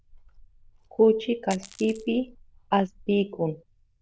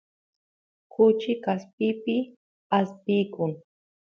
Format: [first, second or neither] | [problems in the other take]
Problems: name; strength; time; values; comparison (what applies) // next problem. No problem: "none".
second | noise reduction (neural diffusion model UNIVERSE++)